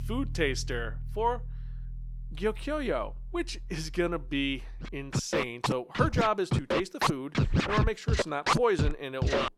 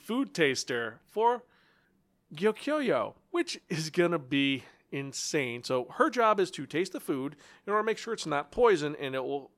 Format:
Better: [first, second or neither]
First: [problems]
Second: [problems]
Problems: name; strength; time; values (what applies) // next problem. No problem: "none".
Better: second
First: background music; very loud; throughout; as loud as the speech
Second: none